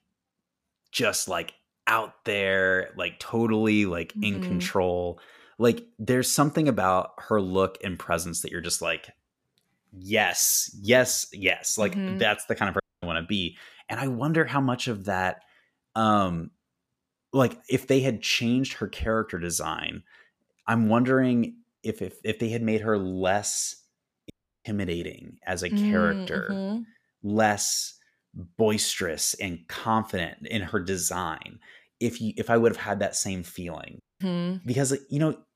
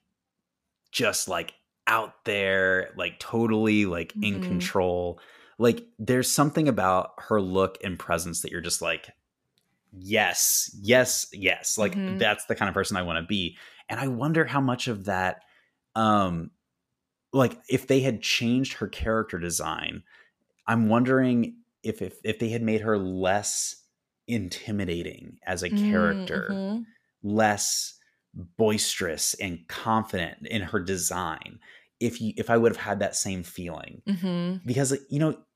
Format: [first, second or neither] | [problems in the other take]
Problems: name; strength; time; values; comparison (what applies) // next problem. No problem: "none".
second | audio cutting out; at 13 s, at 24 s and at 34 s